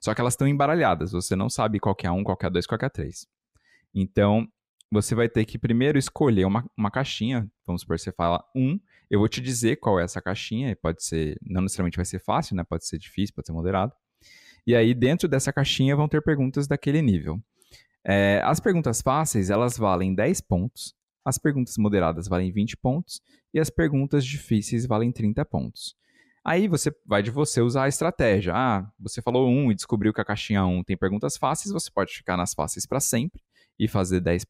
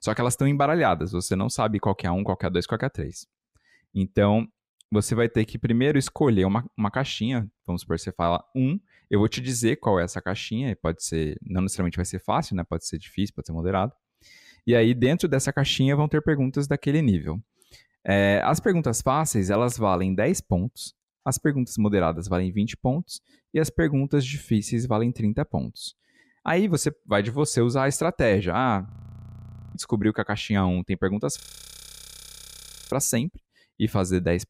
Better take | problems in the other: first | audio freezing; at 29 s for 1 s and at 31 s for 1.5 s

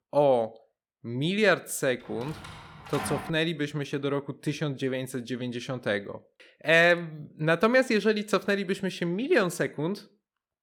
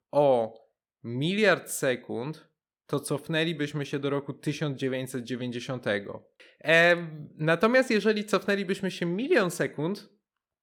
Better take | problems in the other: second | door banging; noticeable; from 2 to 3.5 s; peak 8 dB below the speech

